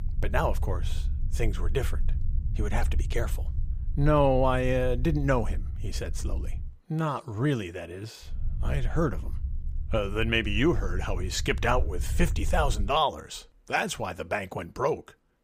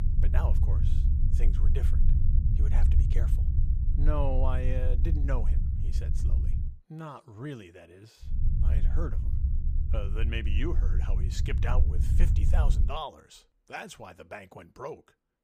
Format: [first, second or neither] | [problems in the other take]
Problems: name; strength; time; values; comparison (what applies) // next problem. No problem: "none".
first | low rumble; loud; until 6.5 s and from 8.5 to 13 s; 6 dB below the speech; faint in the first